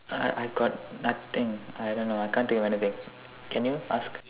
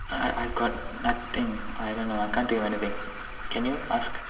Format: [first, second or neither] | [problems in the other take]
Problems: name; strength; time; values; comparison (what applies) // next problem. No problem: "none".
first | background sound (Alarm); 8 dB below the speech // room echo; dies away in 2 s